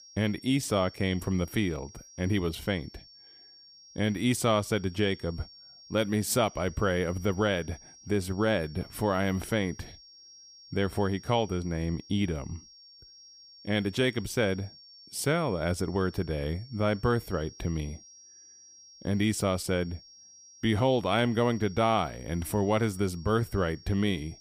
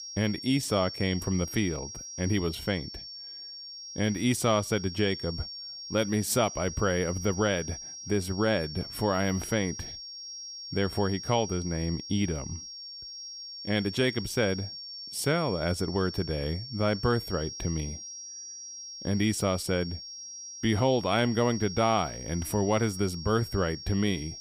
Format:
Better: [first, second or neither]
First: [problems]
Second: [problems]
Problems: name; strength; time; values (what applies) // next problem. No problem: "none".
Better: first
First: high-pitched whine; faint; throughout; 5.5 kHz, 20 dB below the speech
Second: high-pitched whine; loud; throughout; 5.5 kHz, 10 dB below the speech